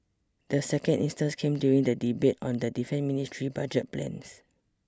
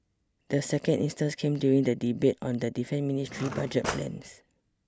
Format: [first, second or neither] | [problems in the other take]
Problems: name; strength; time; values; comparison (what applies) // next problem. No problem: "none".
first | background sound (Cutlery, silverware / Drawer open or close); 9 dB below the speech